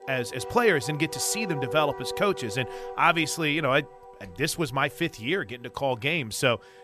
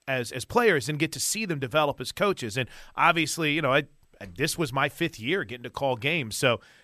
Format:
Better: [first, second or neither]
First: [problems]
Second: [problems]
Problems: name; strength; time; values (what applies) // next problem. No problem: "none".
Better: second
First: background music; noticeable; throughout; 10 dB below the speech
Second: none